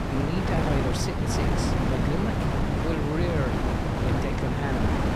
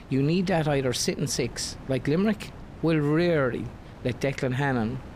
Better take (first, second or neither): second